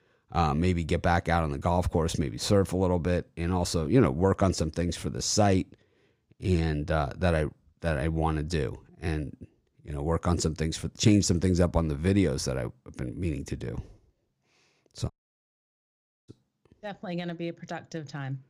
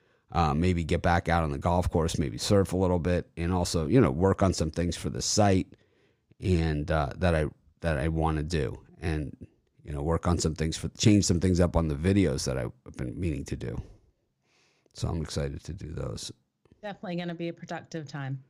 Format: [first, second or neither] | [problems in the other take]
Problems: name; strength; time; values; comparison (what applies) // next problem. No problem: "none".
second | audio cutting out; at 15 s for 1 s